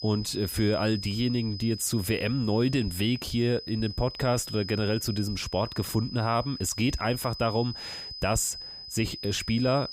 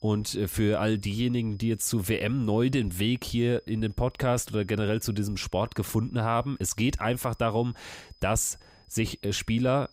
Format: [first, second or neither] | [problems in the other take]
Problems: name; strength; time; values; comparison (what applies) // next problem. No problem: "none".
second | high-pitched whine; loud; throughout; 5 kHz, 10 dB below the speech; faint in the second